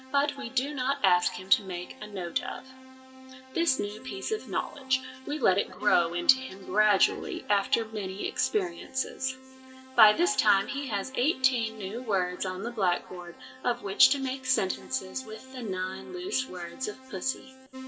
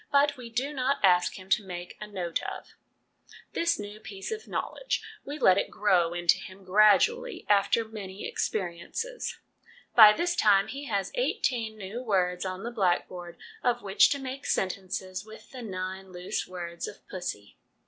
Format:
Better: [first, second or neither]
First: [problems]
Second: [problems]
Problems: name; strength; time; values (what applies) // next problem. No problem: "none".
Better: second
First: background sound (Keyboard (musical)); 18 dB below the speech // room echo; dies away in 2.5 s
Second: none